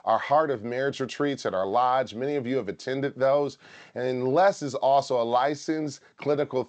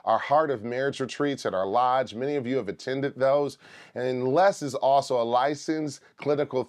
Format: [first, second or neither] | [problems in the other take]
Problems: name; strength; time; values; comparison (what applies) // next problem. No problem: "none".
second | garbled, watery; slightly; nothing above 7.5 kHz